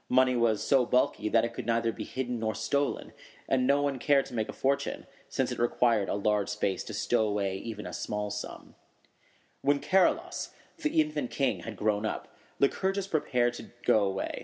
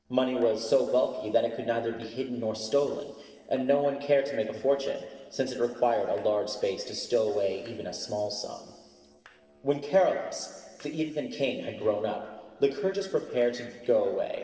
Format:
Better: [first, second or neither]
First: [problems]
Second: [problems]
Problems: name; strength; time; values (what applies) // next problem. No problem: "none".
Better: first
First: none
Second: noise reduction (neural separator model SepFormer DNS4)